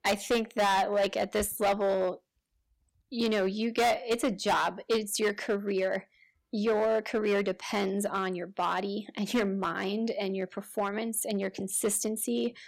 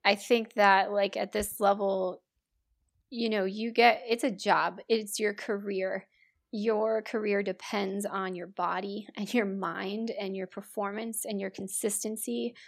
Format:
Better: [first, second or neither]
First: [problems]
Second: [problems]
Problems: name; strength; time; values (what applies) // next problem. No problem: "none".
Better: second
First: distortion; heavy; 7% of the sound clipped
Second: none